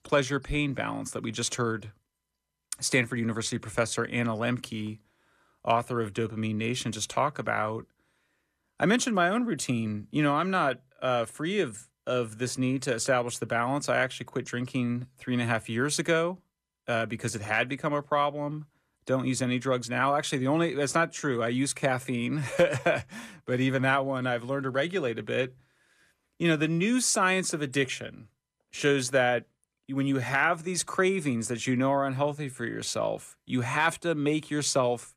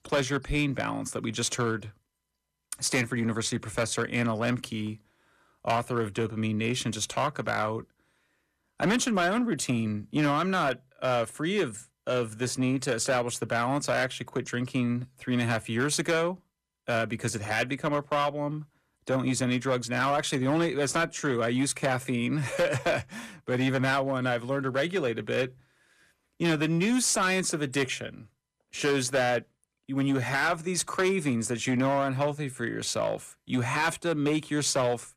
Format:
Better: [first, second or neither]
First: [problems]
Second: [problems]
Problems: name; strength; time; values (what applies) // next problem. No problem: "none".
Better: first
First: none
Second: distortion; slight; 6% of the sound clipped